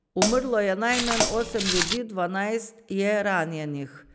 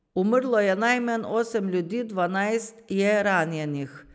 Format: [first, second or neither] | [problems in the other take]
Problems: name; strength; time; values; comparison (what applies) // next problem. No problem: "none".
second | background sound (Walk, footsteps + Hi-hat); as loud as the speech